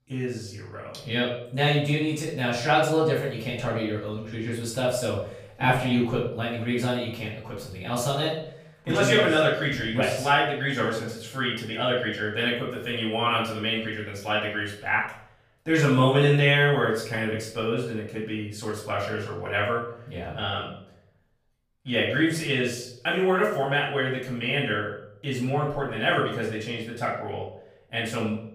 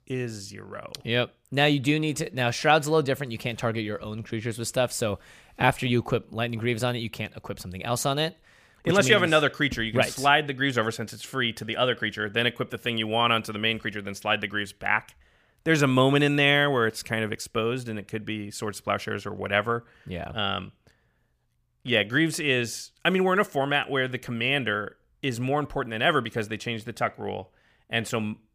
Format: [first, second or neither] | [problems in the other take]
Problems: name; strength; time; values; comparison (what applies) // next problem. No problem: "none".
second | room echo; noticeable; dies away in 0.5 s // off-mic speech; far